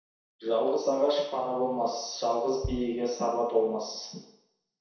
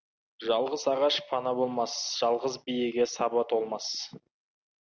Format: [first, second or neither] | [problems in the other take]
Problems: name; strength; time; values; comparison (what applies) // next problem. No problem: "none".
second | background sound (Bass drum); 14 dB below the speech // room echo; dies away in 0.7 s